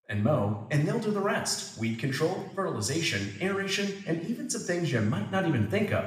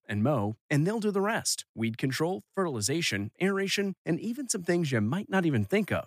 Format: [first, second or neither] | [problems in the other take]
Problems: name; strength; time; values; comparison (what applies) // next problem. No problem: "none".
second | room echo; slight; dies away in 1 s // off-mic speech; somewhat distant